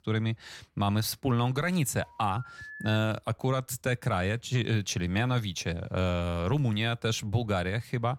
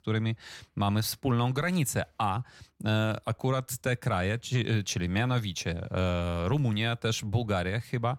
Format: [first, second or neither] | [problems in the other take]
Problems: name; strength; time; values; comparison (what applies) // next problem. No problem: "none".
second | phone ringing; faint; at 2 s; peak 10 dB below the speech